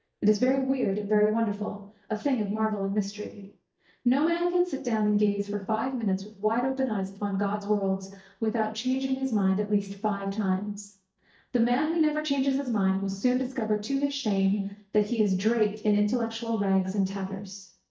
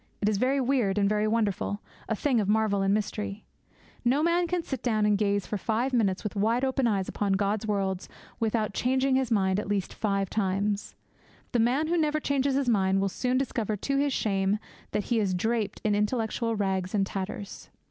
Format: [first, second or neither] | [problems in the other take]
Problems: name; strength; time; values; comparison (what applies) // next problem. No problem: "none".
second | noise reduction (neural mask model DeepFilterNet 3)